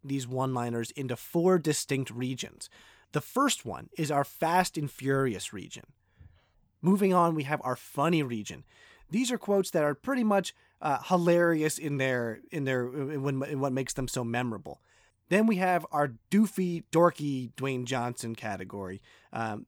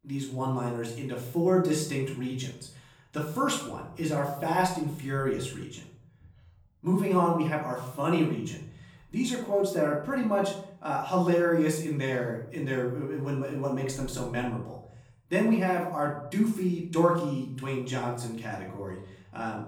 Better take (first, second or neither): first